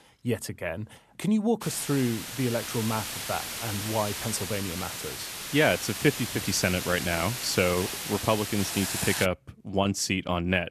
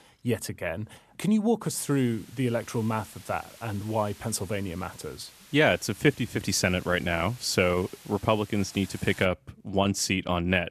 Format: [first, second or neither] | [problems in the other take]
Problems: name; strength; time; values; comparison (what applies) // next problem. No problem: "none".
second | hiss; loud; from 1.5 to 9.5 s; 5 dB below the speech; faint in the second